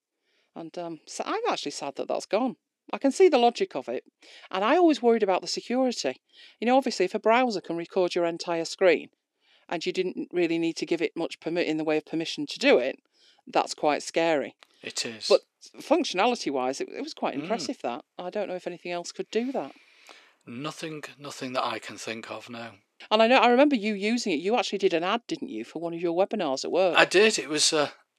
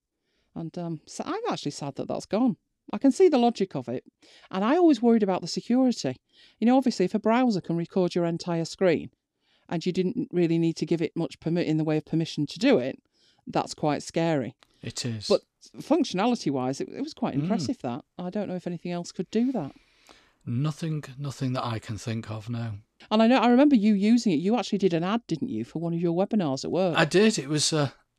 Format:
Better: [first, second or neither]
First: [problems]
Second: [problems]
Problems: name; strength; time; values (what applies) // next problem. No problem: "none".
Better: second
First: thin; somewhat; fading below 450 Hz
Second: none